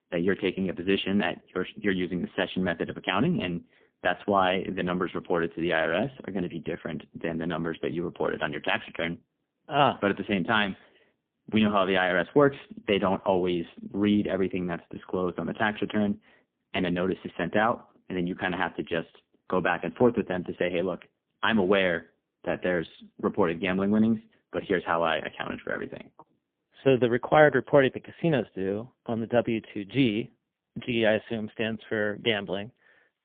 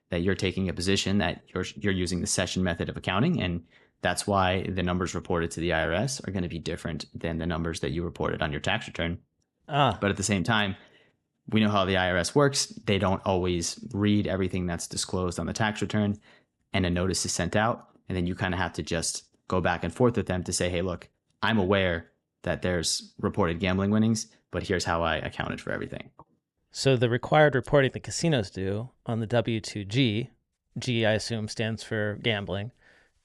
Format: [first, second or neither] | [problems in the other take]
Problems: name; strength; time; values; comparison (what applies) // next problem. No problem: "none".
second | phone-call audio; poor line; nothing above 3.5 kHz